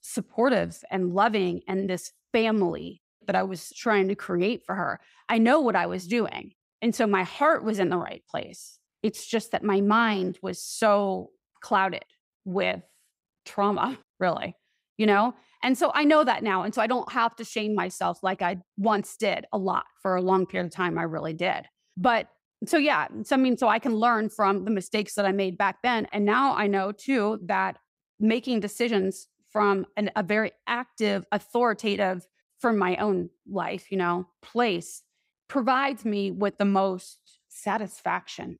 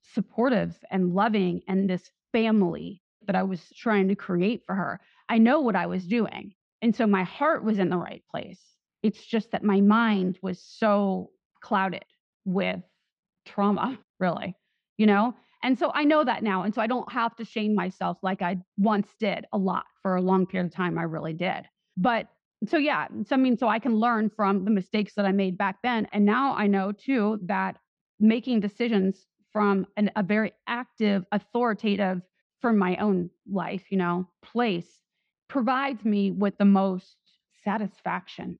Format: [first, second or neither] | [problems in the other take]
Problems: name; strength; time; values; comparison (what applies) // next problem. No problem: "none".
first | muffled; very slightly; fading above 4.5 kHz